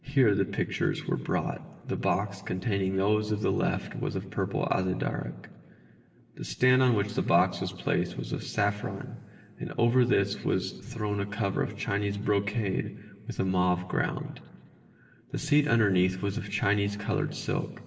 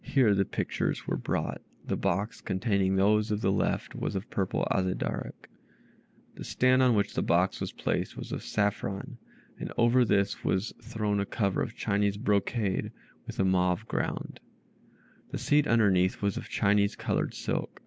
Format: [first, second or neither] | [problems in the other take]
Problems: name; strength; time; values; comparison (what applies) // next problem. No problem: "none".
second | room echo; dies away in 2.3 s